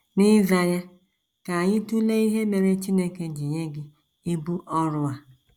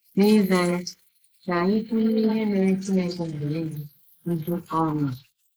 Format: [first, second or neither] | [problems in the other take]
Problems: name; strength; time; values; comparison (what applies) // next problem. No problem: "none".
first | noise reduction (neural mask model Resemble Enhance denoiser)